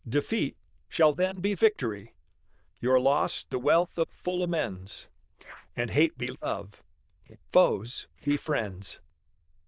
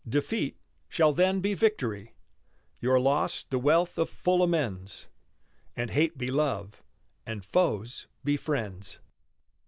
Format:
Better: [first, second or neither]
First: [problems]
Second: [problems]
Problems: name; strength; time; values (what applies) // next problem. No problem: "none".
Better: second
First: noise reduction (neural diffusion model UNIVERSE++)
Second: none